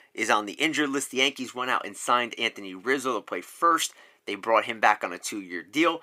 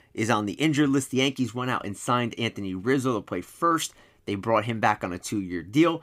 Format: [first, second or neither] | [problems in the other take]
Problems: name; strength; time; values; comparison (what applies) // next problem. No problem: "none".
second | thin; somewhat; fading below 450 Hz